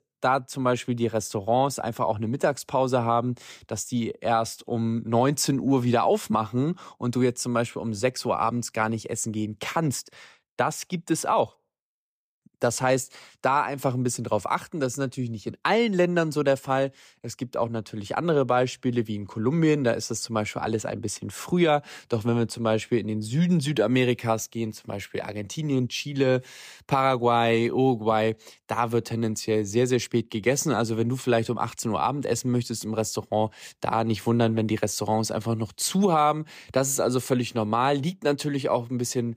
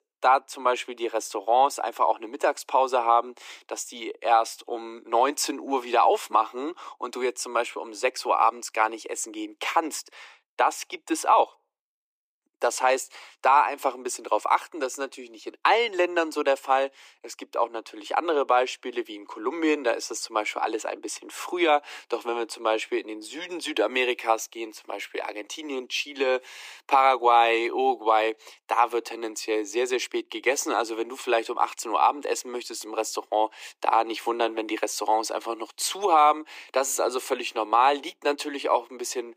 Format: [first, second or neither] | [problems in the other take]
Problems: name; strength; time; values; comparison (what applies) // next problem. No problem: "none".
first | thin; very; fading below 300 Hz